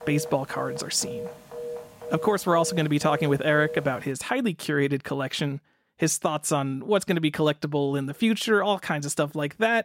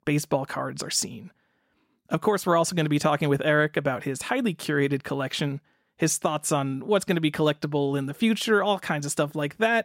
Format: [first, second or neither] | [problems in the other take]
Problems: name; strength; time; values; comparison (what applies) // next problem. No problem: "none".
second | phone ringing; faint; until 4 s; peak 10 dB below the speech